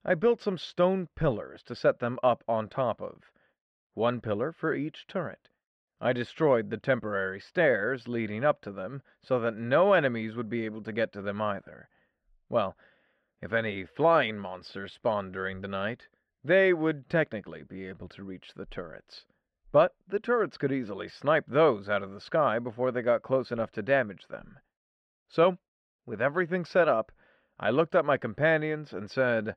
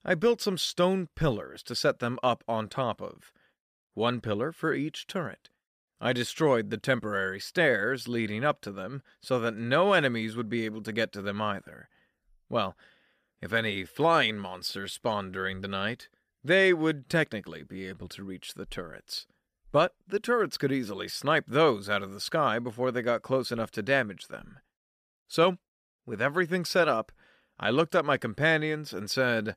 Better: second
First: muffled; slightly; fading above 2.5 kHz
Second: none

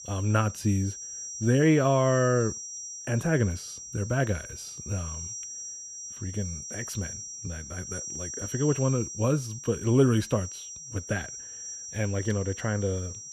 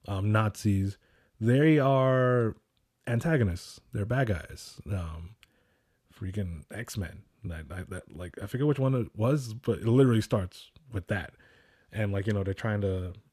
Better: second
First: high-pitched whine; loud; throughout; 5.5 kHz, 10 dB below the speech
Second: none

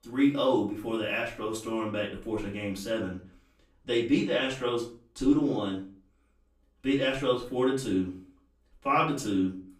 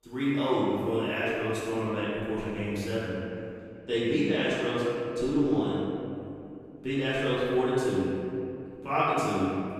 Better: first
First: room echo; slight; dies away in 0.3 s // off-mic speech; far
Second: room echo; strong; dies away in 2.6 s // off-mic speech; far

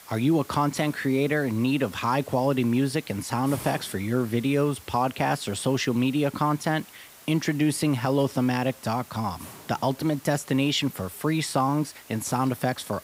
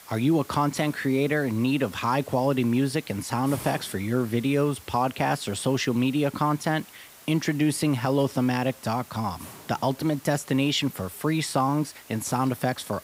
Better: neither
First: hiss; noticeable; throughout; 20 dB below the speech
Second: hiss; noticeable; throughout; 20 dB below the speech

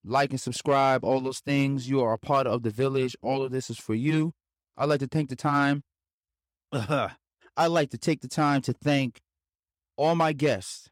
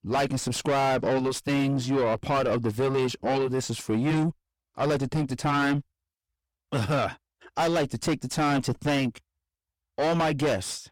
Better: first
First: none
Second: distortion; heavy; 6 dB below the speech

